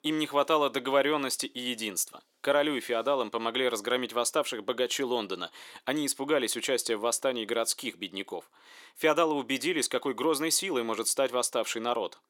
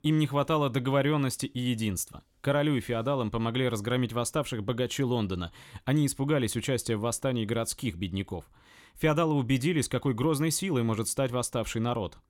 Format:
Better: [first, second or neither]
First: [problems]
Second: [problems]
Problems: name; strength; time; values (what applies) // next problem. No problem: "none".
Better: second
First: thin; somewhat; fading below 350 Hz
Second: none